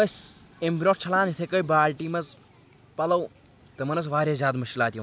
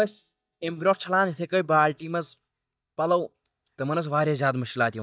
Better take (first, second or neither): first